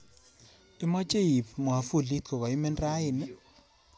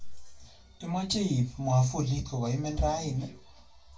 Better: first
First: none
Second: room echo; dies away in 0.2 s

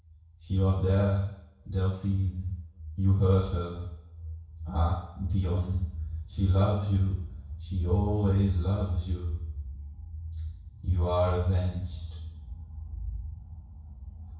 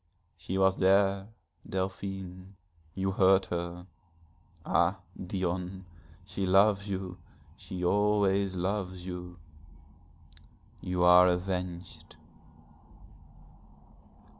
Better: second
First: room echo; dies away in 0.6 s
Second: none

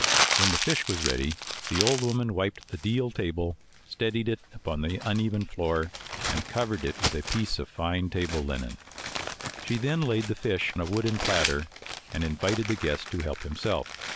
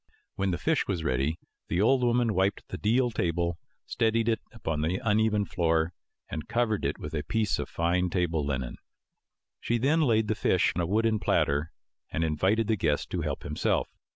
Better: second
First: background sound (Crumpling, crinkling); 4 dB below the speech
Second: none

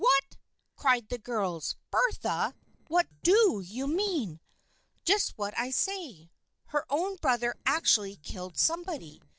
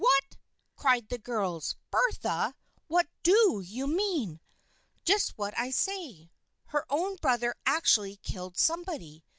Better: second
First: noise reduction (neural separator model SepFormer DNS4)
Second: none

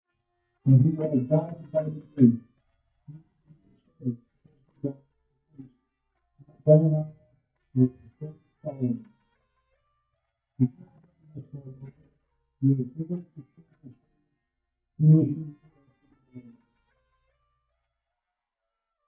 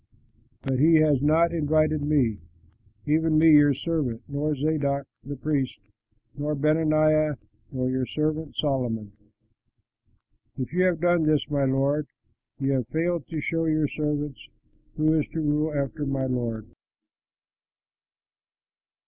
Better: second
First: noise reduction (neural mask model DeepFilterNet 3)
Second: none

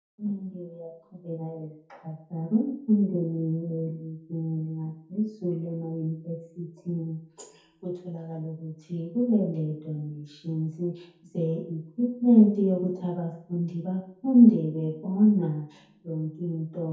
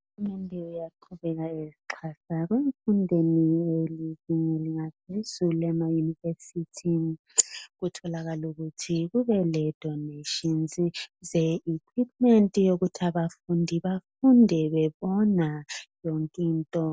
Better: second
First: room echo; dies away in 0.6 s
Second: none

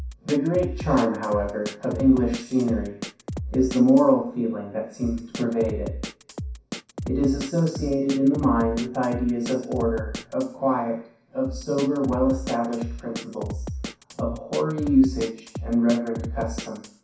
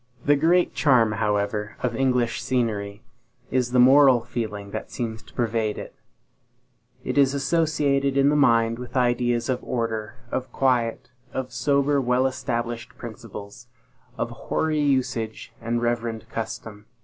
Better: second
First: background sound (Drum kit); 10 dB below the speech // room echo; dies away in 0.6 s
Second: none

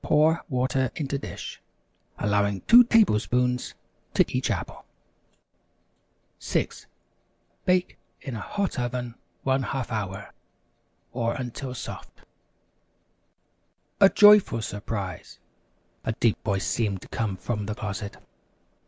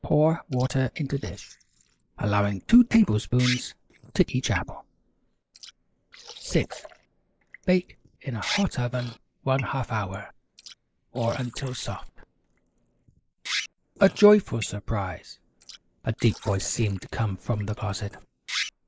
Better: first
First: none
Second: noise reduction (neural mask model Resemble Enhance denoiser)

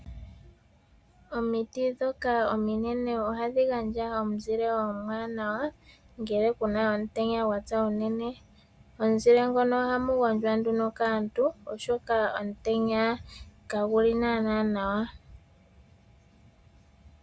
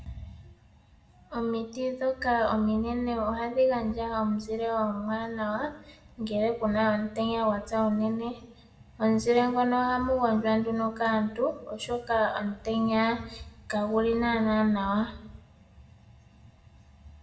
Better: first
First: none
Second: room echo; dies away in 0.6 s

